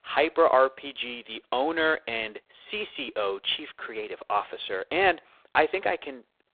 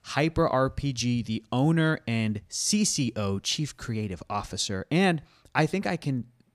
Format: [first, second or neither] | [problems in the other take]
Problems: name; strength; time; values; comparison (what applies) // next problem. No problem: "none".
second | phone-call audio; poor line